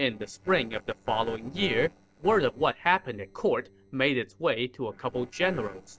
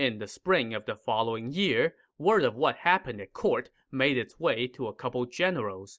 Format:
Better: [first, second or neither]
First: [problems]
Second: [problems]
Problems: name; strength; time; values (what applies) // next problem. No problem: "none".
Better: second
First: noise reduction (neural separator model SepFormer DNS4)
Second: none